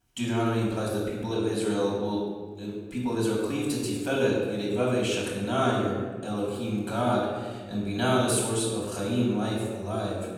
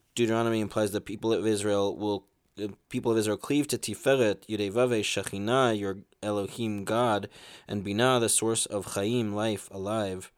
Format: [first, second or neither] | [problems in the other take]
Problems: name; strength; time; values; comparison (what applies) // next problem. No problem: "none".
second | room echo; noticeable; dies away in 1.4 s // off-mic speech; far